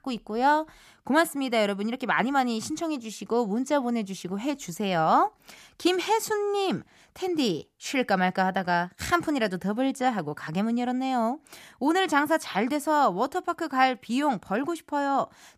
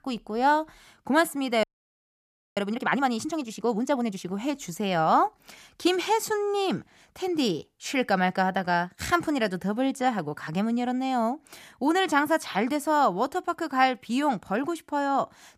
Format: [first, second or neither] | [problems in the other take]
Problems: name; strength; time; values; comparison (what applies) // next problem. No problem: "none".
first | audio freezing; at 1.5 s for 1 s